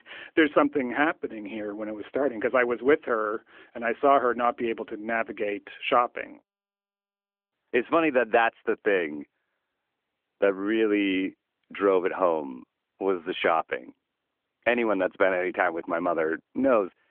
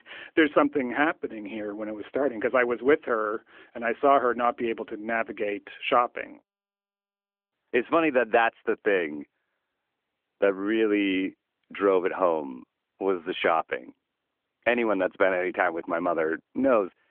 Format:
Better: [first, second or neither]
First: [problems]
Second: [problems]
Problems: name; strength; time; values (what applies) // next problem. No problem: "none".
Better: neither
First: phone-call audio; nothing above 3 kHz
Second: phone-call audio; nothing above 3 kHz